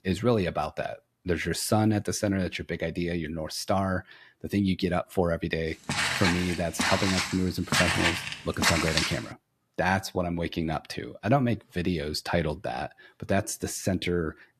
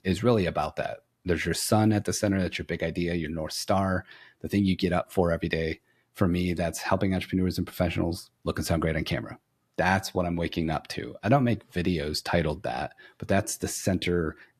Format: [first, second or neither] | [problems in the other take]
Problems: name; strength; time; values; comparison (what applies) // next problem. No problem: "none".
second | footsteps; loud; from 6 to 9 s; peak 6 dB above the speech